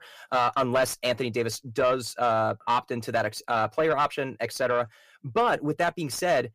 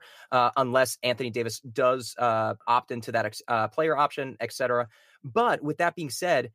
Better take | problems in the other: second | distortion; slight; 10 dB below the speech

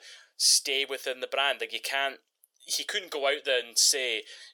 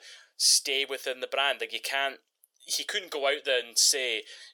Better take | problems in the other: neither | thin; very; fading below 500 Hz; the same in both

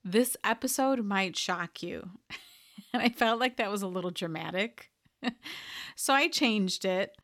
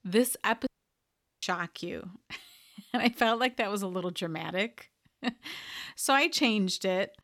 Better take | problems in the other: first | audio cutting out; at 0.5 s for 0.5 s

